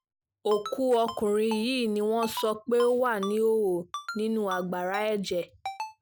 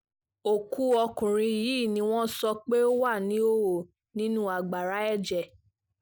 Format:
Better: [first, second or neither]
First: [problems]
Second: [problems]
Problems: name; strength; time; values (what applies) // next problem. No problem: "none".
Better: second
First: background sound (Ringtone); 14 dB below the speech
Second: none